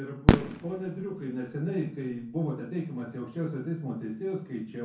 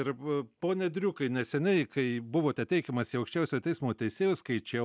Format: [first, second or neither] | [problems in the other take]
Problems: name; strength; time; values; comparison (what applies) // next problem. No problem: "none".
second | background sound (Fireworks); 4 dB above the speech // room echo; dies away in 0.5 s